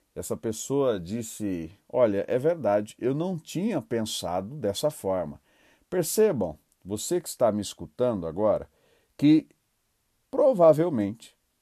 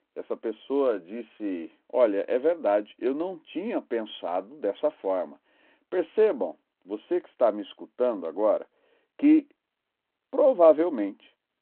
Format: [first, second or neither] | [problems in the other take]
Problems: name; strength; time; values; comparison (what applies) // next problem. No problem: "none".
first | phone-call audio